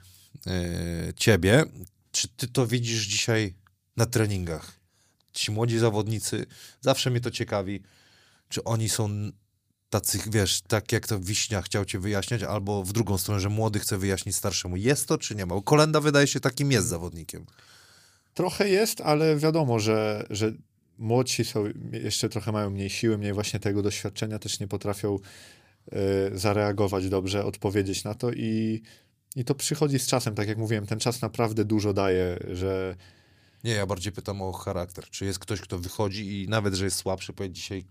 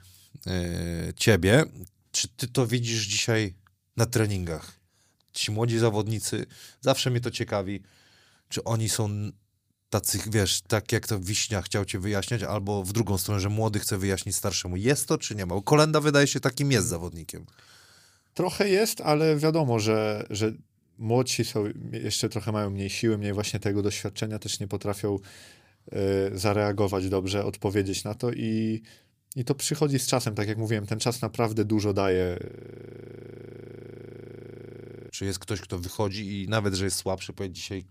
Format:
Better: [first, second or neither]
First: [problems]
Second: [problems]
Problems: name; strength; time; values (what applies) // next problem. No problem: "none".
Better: first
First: none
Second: audio freezing; at 32 s for 2.5 s